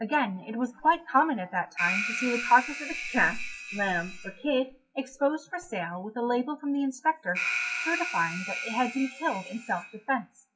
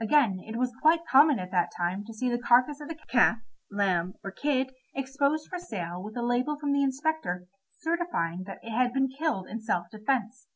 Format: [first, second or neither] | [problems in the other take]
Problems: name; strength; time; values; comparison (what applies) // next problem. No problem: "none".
second | noise reduction (classical method WPE with log-MMSE)